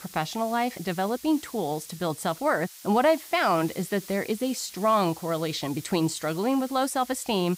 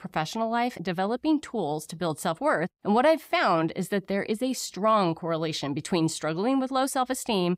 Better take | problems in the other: second | hiss; noticeable; throughout; 15 dB below the speech

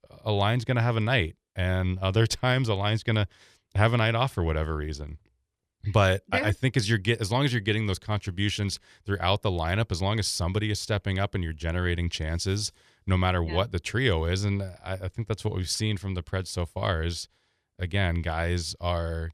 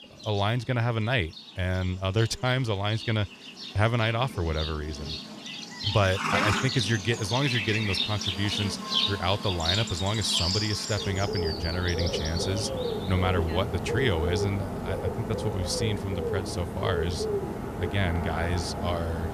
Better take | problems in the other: first | animal sounds; loud; throughout; 2 dB below the speech

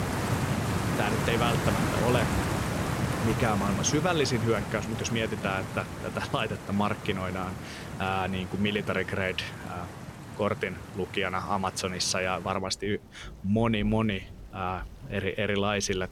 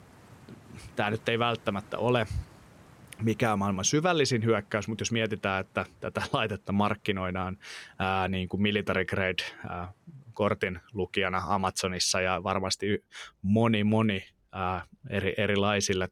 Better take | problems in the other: second | rain or running water; loud; throughout; 3 dB below the speech; faint in the second

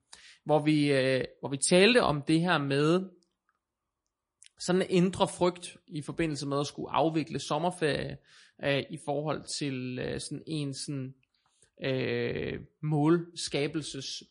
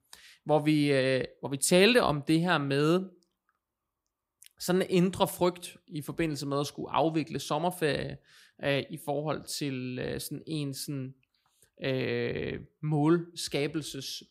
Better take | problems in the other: second | garbled, watery; slightly; nothing above 10.5 kHz

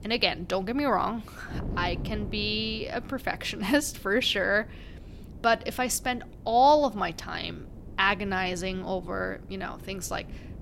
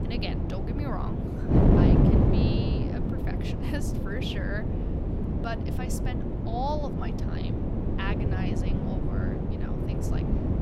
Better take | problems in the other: first | wind noise on the microphone; heavy; 3 dB above the speech; occasional gusts in the first

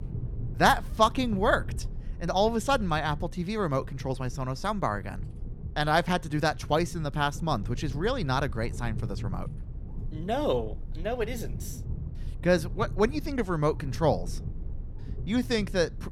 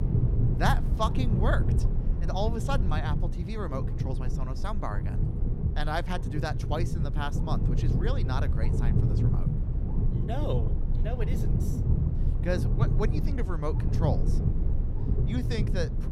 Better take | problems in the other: first | low rumble; loud; throughout; 6 dB below the speech; faint in the first

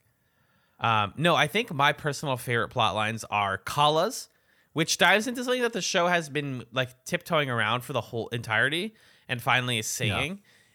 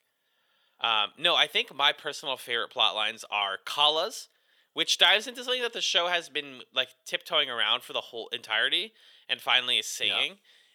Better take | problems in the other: first | thin; somewhat; fading below 450 Hz

